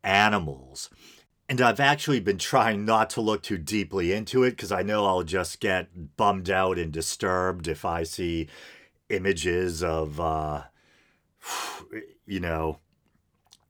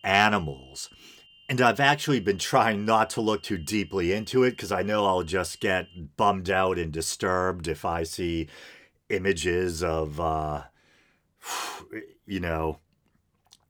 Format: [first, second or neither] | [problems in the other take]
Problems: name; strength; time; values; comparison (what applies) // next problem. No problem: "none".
first | high-pitched whine; faint; until 6 s; 3 kHz, 25 dB below the speech